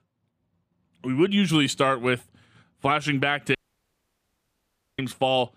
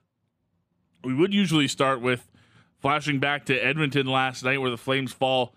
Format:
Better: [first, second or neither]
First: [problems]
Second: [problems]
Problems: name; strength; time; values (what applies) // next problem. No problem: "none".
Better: second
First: audio cutting out; at 3.5 s for 1.5 s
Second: none